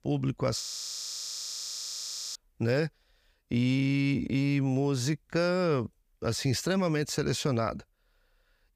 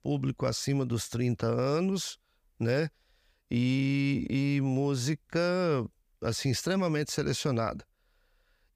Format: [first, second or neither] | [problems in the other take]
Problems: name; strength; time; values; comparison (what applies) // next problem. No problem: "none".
second | audio freezing; at 0.5 s for 1.5 s